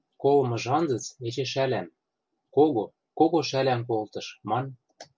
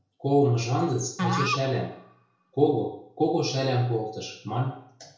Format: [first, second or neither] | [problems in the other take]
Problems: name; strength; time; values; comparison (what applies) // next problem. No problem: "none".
first | background sound (Musical instrument); 8 dB below the speech // room echo; dies away in 0.5 s